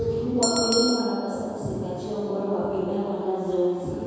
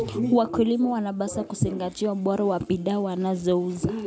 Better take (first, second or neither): second